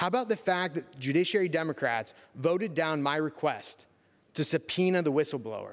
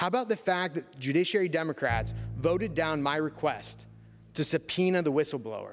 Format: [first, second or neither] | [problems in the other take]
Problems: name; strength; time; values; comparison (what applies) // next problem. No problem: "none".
first | background sound (Bowed string instrument); 12 dB below the speech